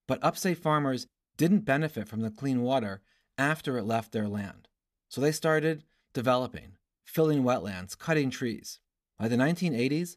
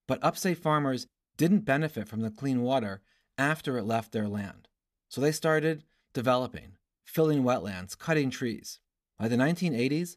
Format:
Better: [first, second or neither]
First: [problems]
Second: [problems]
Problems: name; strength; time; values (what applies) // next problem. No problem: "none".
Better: neither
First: none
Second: none